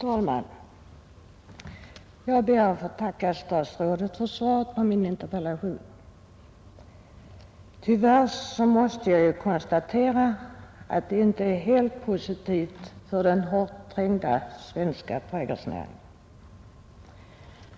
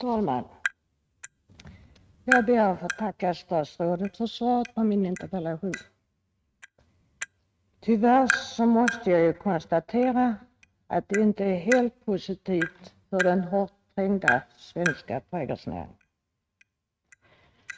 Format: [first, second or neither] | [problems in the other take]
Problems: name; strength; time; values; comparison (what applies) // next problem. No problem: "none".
first | noise reduction (neural mask model RNNoise)